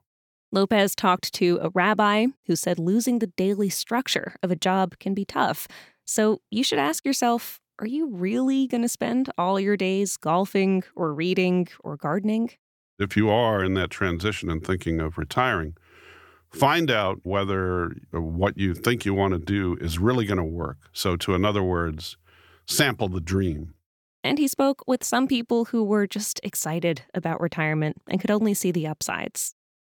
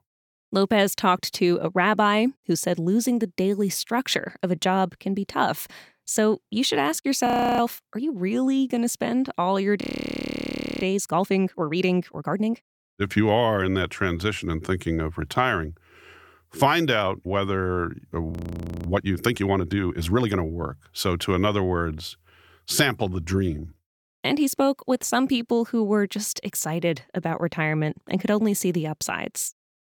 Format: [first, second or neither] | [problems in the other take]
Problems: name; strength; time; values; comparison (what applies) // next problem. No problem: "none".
first | audio freezing; at 7.5 s, at 10 s for 1 s and at 18 s for 0.5 s